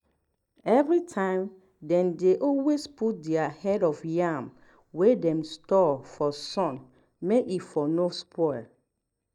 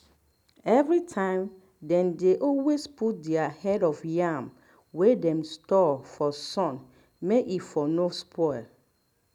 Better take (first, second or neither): second